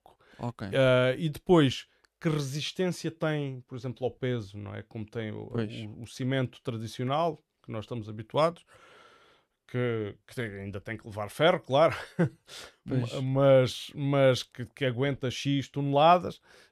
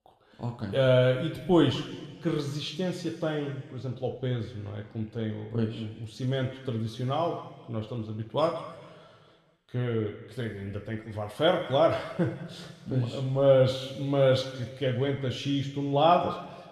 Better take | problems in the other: first | room echo; noticeable; dies away in 1.7 s // off-mic speech; somewhat distant

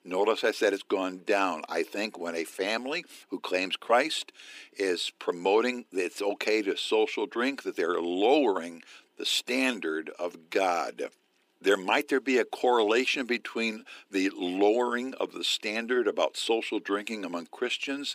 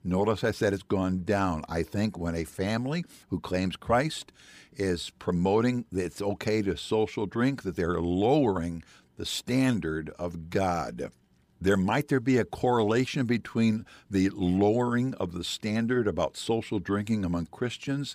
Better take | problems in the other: second | thin; somewhat; fading below 300 Hz

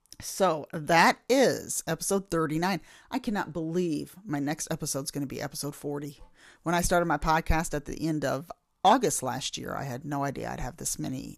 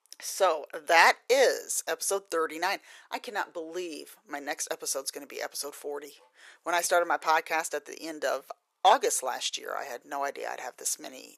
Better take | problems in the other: first | thin; very; fading below 450 Hz

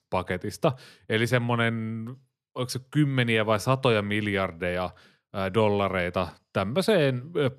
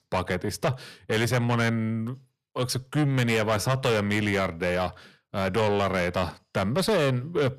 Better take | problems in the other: first | distortion; heavy; 8 dB below the speech

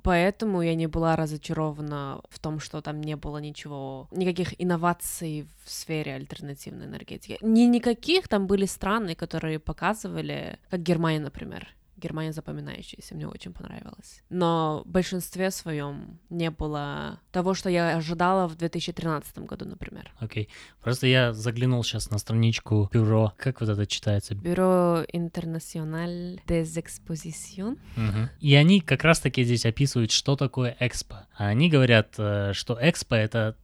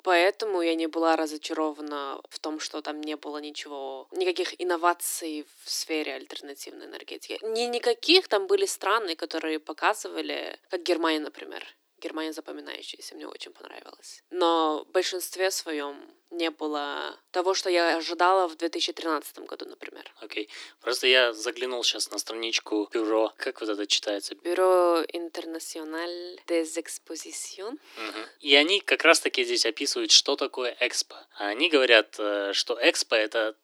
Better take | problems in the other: first | thin; very; fading below 300 Hz

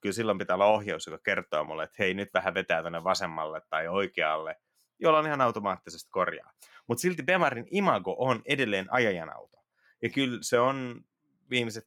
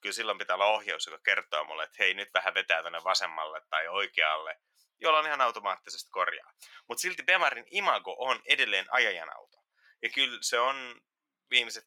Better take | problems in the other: first | thin; very; fading below 700 Hz

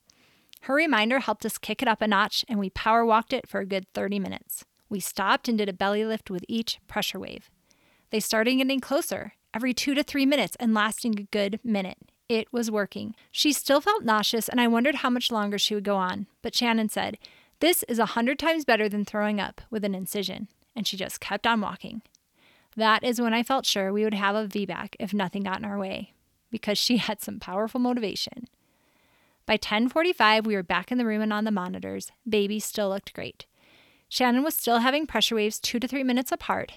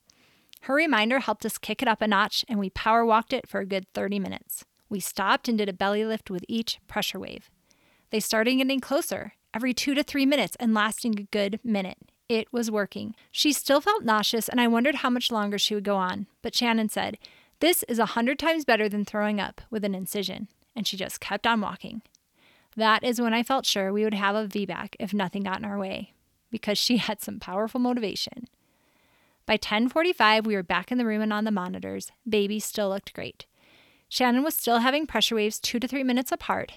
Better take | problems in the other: neither | none

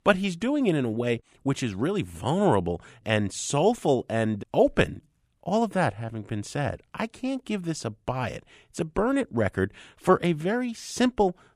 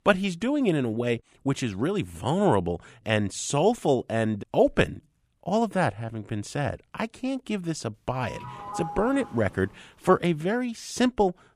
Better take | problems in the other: first | doorbell; noticeable; from 8 to 9.5 s; peak 9 dB below the speech

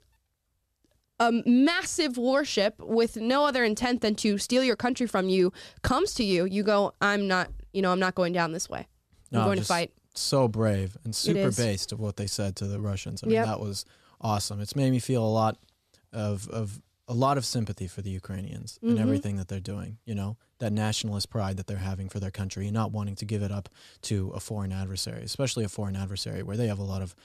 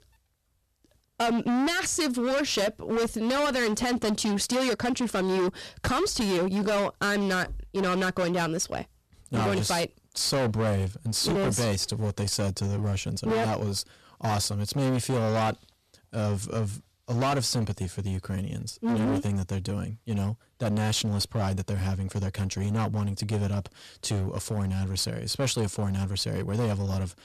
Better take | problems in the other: first | distortion; heavy; 19% of the sound clipped

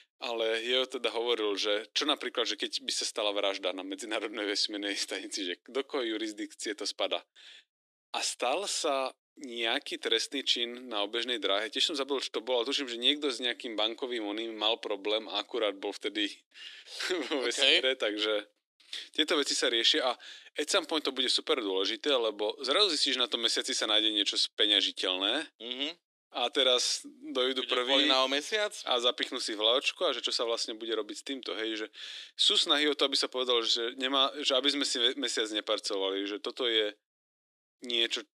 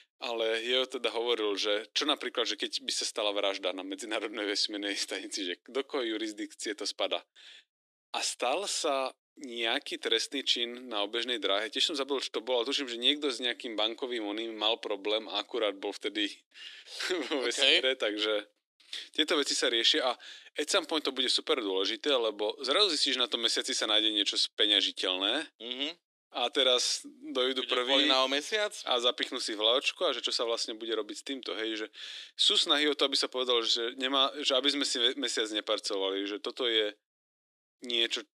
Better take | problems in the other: neither | thin; very; fading below 300 Hz; the same in both

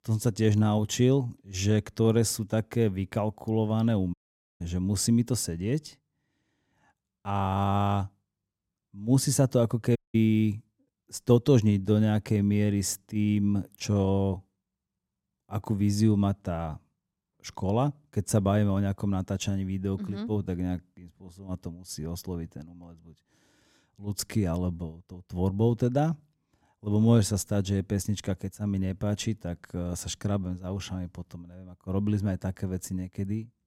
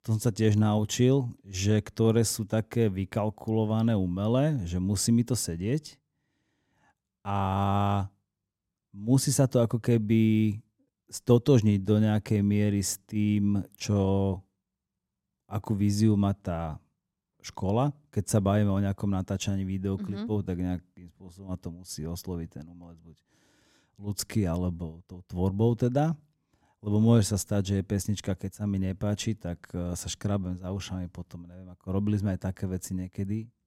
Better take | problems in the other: second | audio cutting out; at 4 s and at 10 s

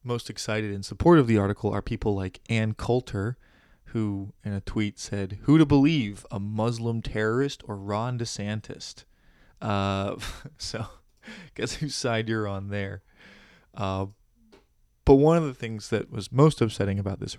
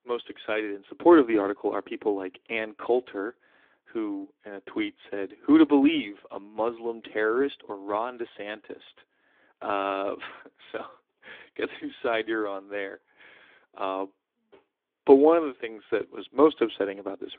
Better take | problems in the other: first | phone-call audio; nothing above 3.5 kHz

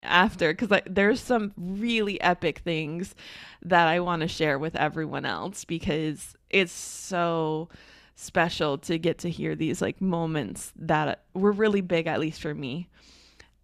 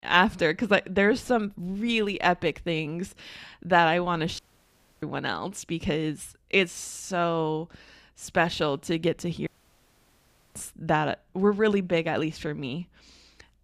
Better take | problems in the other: first | audio cutting out; at 4.5 s for 0.5 s and at 9.5 s for 1 s

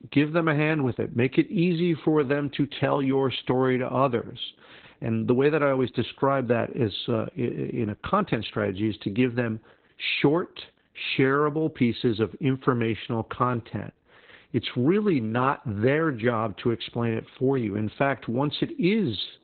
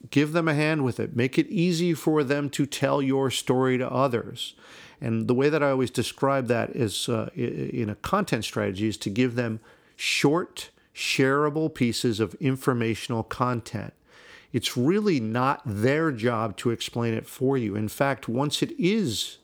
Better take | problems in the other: second | garbled, watery; badly; nothing above 4 kHz

